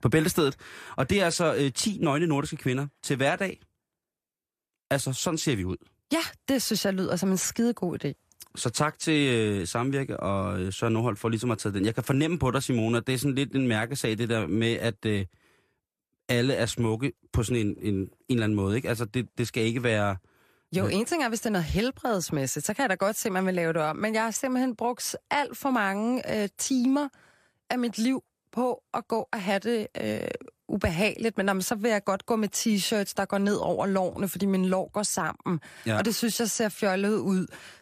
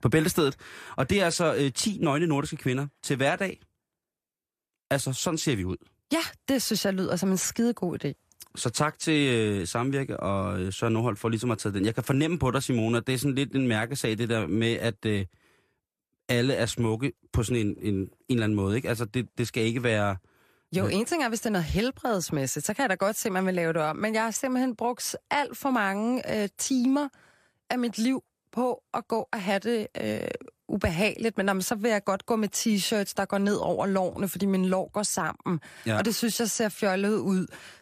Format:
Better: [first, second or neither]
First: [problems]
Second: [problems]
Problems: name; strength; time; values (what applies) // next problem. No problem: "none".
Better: neither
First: none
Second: none